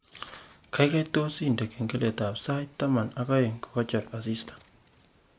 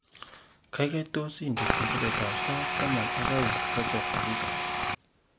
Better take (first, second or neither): first